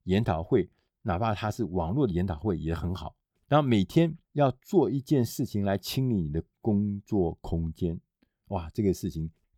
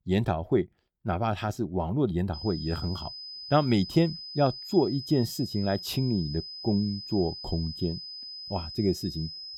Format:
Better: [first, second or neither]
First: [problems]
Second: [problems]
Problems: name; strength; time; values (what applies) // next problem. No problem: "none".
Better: first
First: none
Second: high-pitched whine; loud; from 2.5 s on; 5 kHz, 9 dB below the speech